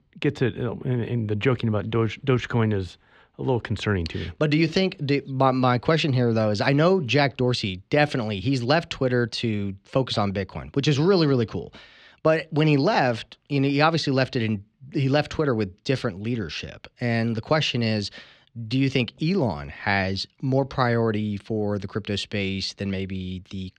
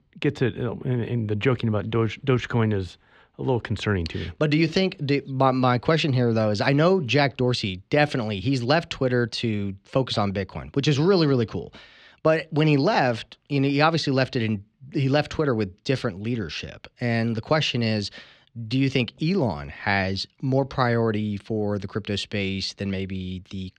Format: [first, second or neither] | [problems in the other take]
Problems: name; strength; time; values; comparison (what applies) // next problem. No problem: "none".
neither | muffled; very slightly; fading above 3 kHz; the same in both